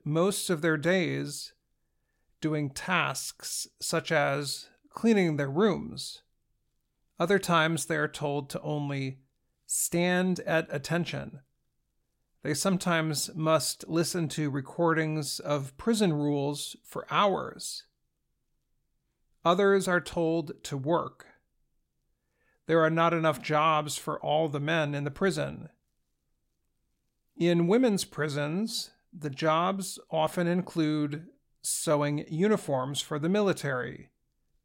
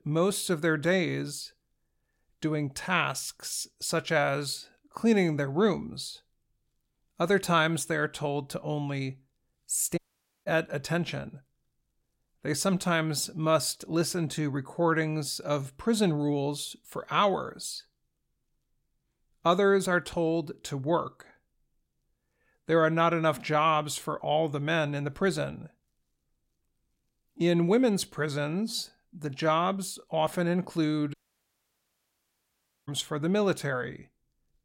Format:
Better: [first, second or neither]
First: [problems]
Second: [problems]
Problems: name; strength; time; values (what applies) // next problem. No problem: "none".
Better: first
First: none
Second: audio cutting out; at 10 s and at 31 s for 1.5 s